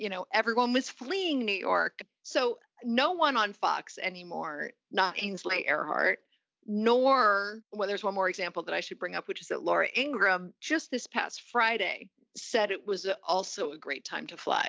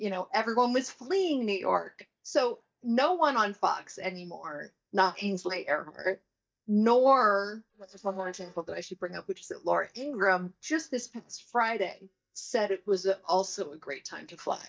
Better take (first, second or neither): first